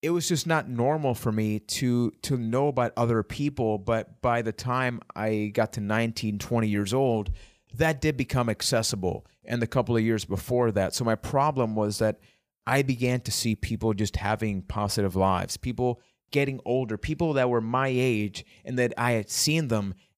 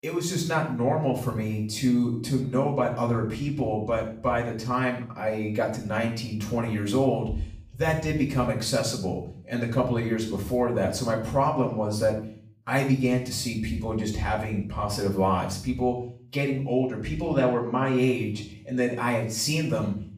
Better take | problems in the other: first | off-mic speech; far // room echo; noticeable; dies away in 0.5 s

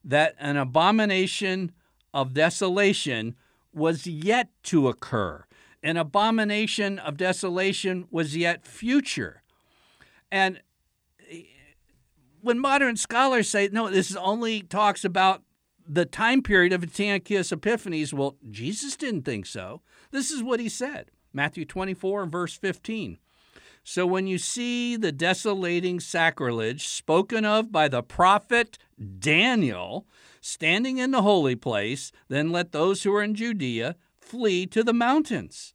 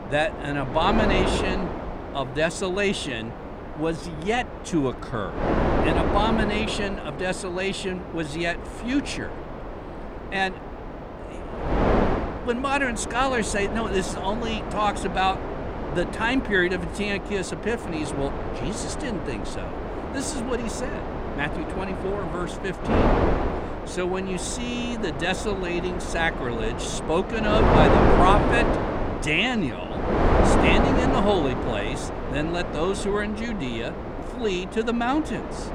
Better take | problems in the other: first | wind noise on the microphone; heavy; 2 dB below the speech

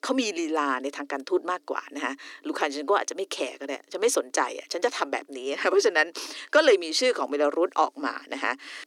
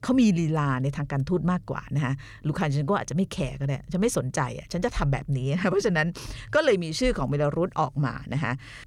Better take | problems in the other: second | thin; somewhat; fading below 300 Hz

